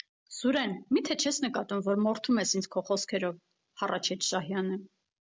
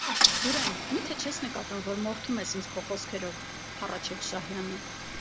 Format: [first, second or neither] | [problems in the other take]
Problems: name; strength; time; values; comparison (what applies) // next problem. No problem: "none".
first | background sound (Idling / Engine starting / Car); 3 dB above the speech